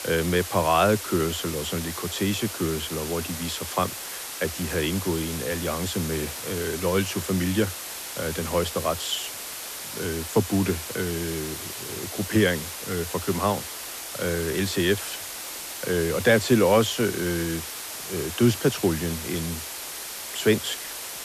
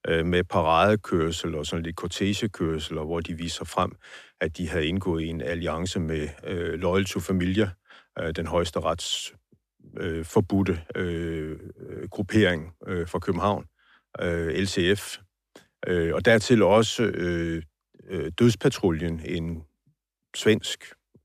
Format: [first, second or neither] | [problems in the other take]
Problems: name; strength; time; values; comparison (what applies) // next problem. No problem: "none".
second | hiss; loud; throughout; 7 dB below the speech